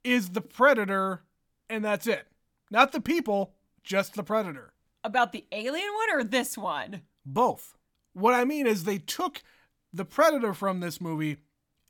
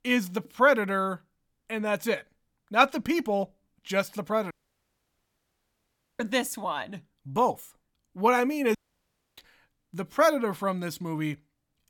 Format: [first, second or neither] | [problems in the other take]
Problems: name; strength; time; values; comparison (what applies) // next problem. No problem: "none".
first | audio cutting out; at 4.5 s for 1.5 s and at 9 s for 0.5 s